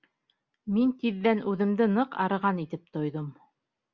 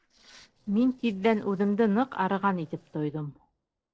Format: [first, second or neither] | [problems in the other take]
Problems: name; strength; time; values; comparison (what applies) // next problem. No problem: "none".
first | noise reduction (neural separator model SepFormer DNS4)